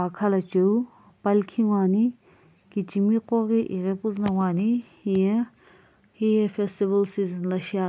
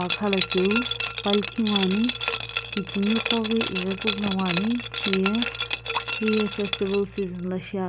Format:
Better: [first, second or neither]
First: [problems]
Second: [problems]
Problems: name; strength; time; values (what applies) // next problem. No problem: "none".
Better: first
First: none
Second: background sound (Liquid); 4 dB below the speech